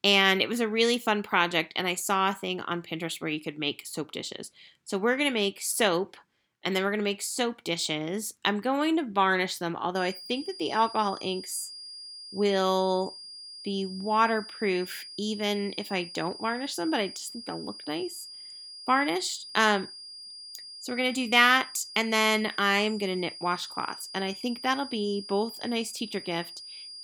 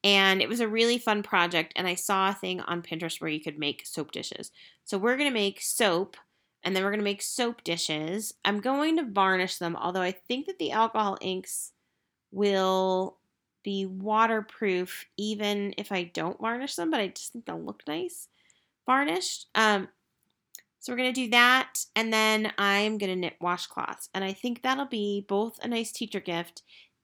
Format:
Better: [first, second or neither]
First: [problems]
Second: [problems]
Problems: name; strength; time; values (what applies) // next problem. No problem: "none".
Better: second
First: high-pitched whine; noticeable; from 10 s on; 5 kHz, 15 dB below the speech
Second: none